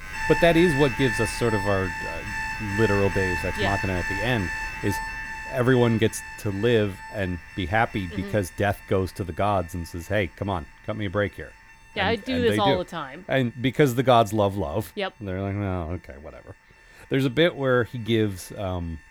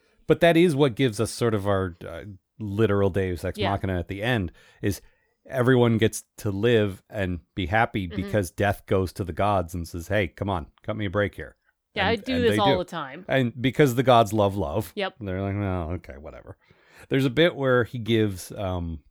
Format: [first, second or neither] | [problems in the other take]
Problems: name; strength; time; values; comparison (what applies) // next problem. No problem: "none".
second | alarms or sirens; loud; throughout; 6 dB below the speech